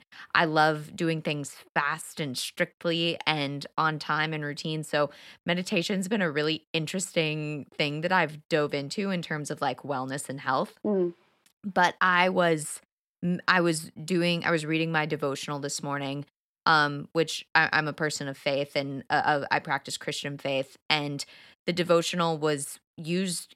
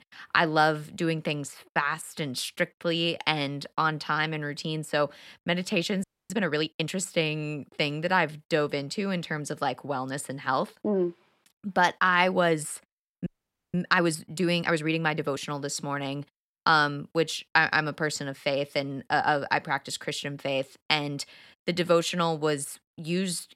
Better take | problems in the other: first | audio freezing; at 6 s and at 13 s

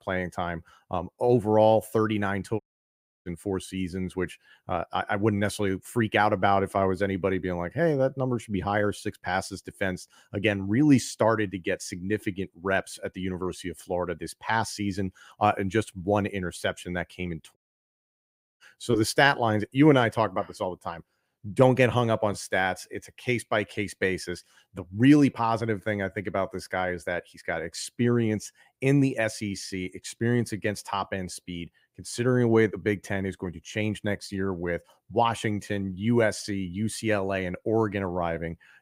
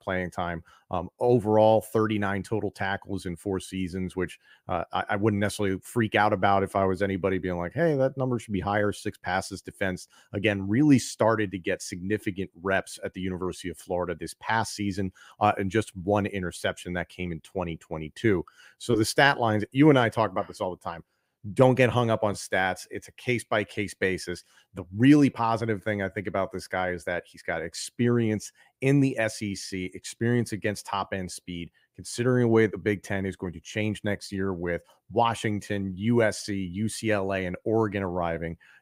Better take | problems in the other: second | audio cutting out; at 2.5 s for 0.5 s and at 18 s for 1 s

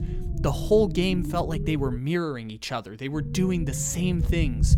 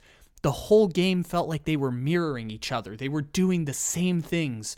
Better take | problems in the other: second | low rumble; noticeable; until 2 s and from 3 s on; 10 dB below the speech

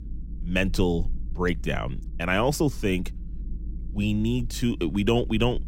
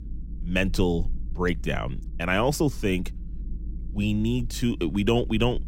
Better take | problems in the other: neither | low rumble; faint; throughout; 25 dB below the speech; the same in both

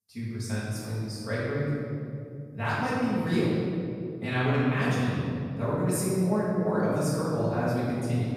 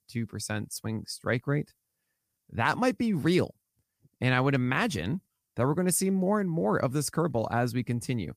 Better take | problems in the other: second | off-mic speech; far // room echo; strong; dies away in 2.5 s

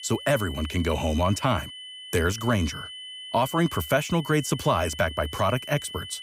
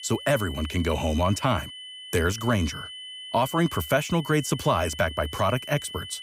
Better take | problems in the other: neither | high-pitched whine; noticeable; throughout; 3 kHz, 10 dB below the speech; the same in both

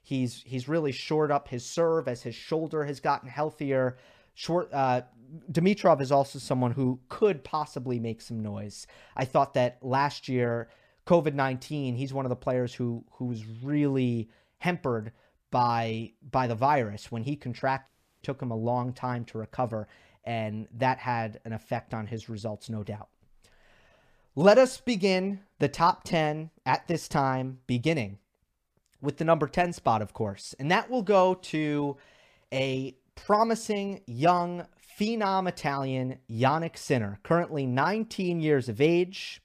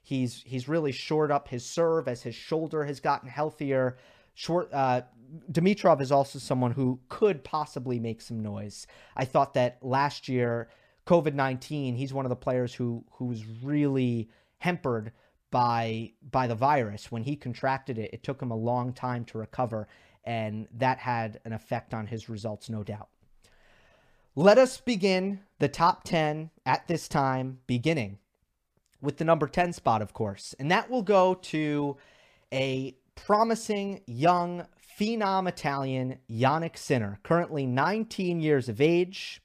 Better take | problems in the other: second | audio cutting out; at 18 s

